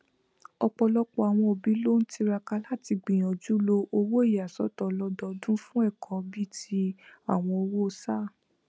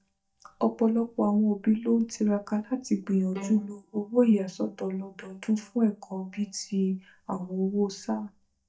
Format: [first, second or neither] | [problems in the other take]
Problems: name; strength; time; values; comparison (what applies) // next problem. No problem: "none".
first | noise reduction (neural mask model DeepFilterNet 3)